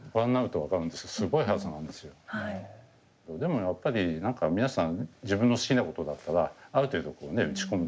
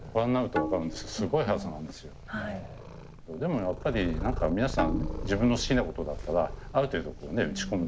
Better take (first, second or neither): first